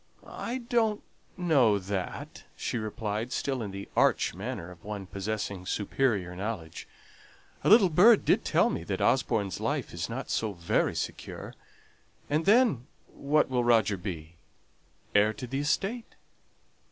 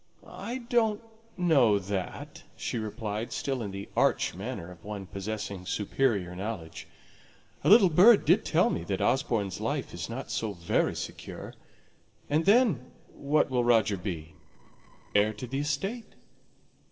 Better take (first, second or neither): first